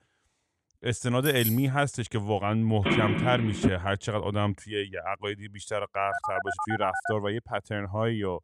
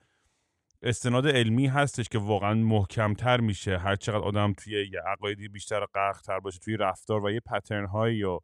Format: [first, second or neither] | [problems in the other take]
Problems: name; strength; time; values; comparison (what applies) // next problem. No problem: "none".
second | jangling keys; noticeable; at 1 s; peak 2 dB below the speech // phone ringing; loud; at 3 s; peak 3 dB above the speech // phone ringing; noticeable; from 6 to 7 s; peak 2 dB below the speech